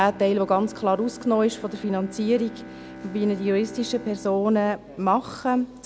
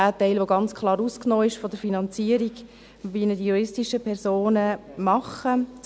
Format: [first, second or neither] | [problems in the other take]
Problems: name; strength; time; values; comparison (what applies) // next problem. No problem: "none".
second | background sound (Bowed string instrument); 18 dB below the speech